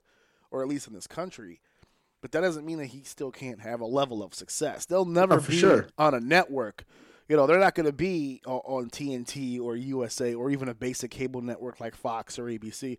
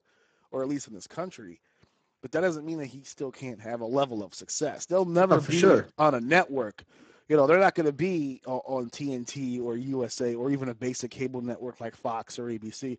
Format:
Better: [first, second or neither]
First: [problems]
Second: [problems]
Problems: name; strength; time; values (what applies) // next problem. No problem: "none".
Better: first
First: none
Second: garbled, watery; badly; nothing above 7.5 kHz